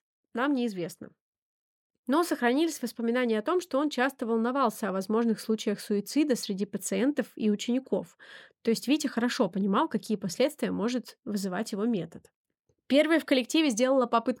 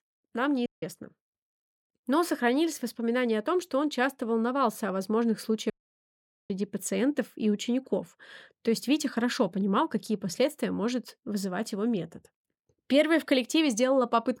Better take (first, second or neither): first